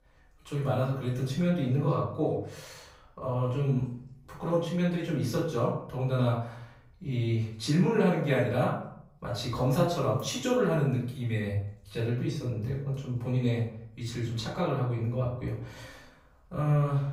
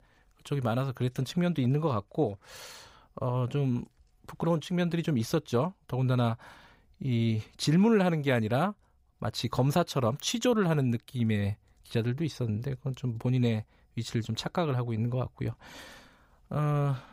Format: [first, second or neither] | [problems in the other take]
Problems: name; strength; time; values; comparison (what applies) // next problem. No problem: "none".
second | room echo; noticeable; dies away in 0.5 s // off-mic speech; far